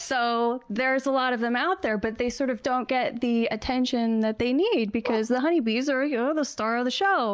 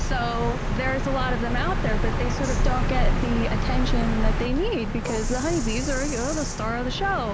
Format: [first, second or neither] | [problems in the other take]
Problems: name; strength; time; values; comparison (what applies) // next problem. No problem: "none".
first | background sound (Bird vocalization, bird call, bird song); 4 dB above the speech